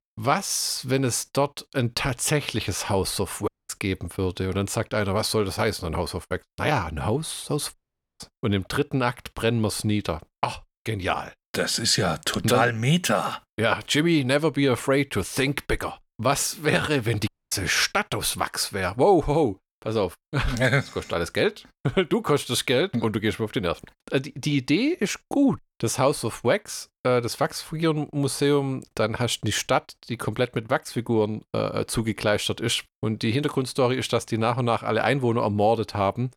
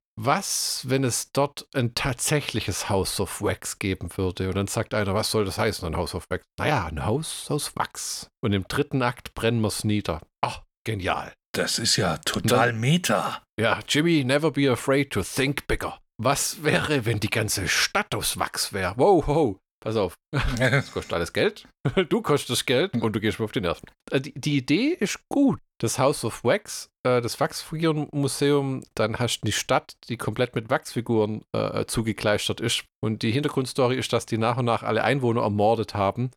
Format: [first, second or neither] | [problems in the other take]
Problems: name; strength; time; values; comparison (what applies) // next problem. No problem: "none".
second | audio cutting out; at 3.5 s, at 7.5 s and at 17 s